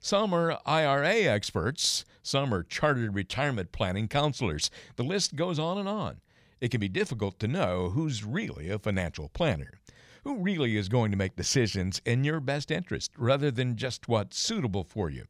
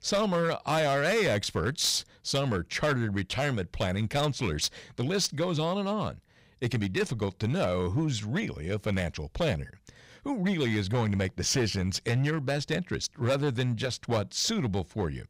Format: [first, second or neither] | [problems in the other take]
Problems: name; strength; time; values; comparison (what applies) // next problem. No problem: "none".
first | distortion; slight; 8% of the sound clipped